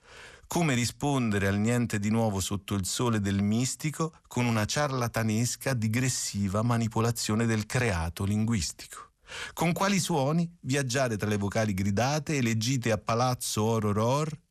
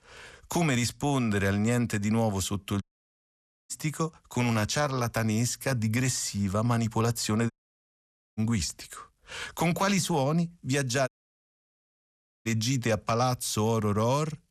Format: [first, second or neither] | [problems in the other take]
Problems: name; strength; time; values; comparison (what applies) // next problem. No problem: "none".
first | audio cutting out; at 3 s for 1 s, at 7.5 s for 1 s and at 11 s for 1.5 s